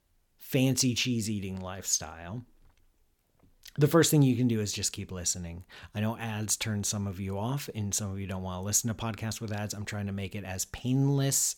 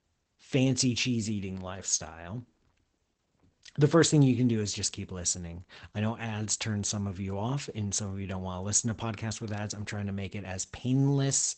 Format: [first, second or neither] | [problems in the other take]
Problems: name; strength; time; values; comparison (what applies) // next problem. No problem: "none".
first | garbled, watery; badly; nothing above 8 kHz